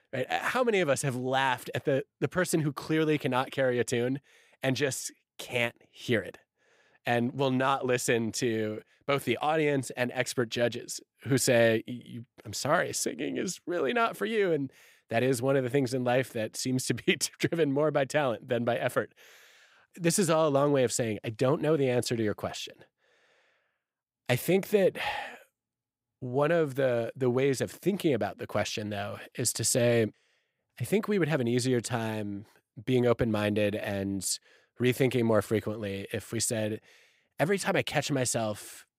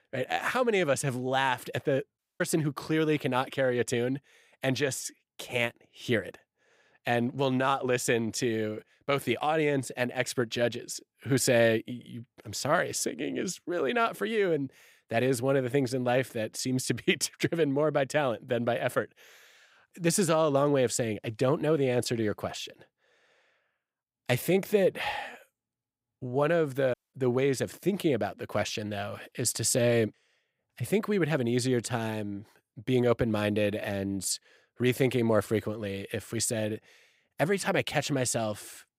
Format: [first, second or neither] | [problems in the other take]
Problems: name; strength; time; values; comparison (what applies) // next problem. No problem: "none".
first | audio cutting out; at 2 s and at 27 s